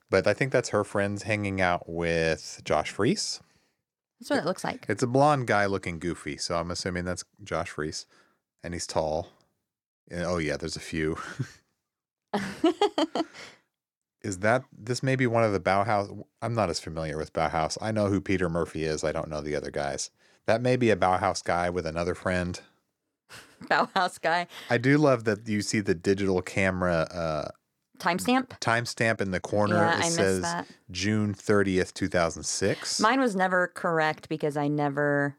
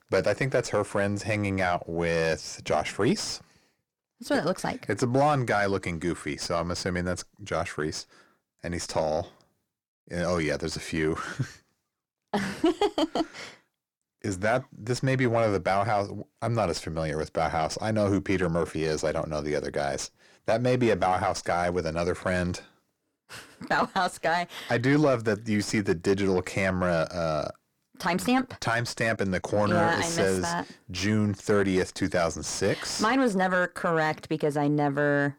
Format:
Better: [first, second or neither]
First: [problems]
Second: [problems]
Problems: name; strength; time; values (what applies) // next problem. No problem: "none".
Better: first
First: none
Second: distortion; slight; 10 dB below the speech